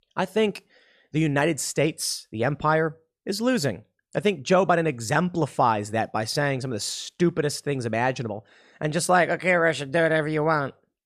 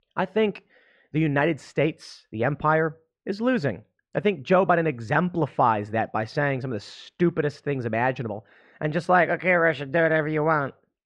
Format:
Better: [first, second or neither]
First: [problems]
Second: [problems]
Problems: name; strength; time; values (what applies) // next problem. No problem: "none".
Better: first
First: none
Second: muffled; slightly; fading above 2 kHz